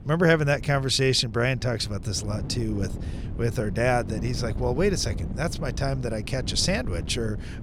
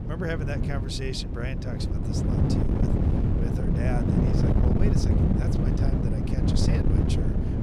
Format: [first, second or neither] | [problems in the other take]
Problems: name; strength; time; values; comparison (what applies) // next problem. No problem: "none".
first | wind noise on the microphone; heavy; 4 dB above the speech; occasional gusts in the first